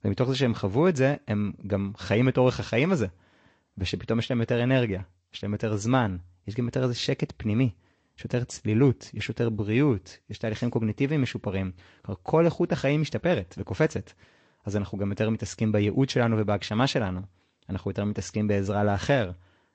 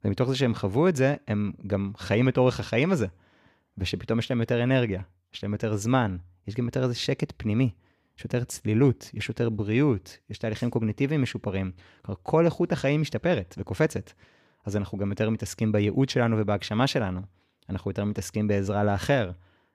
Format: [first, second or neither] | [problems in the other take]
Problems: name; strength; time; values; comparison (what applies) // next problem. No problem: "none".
second | garbled, watery; slightly; nothing above 8 kHz